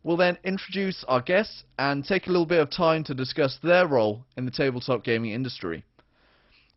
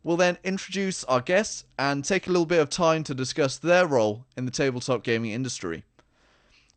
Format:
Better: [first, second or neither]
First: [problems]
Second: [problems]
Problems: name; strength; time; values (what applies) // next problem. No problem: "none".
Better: second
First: garbled, watery; badly; nothing above 5.5 kHz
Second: garbled, watery; slightly; nothing above 8.5 kHz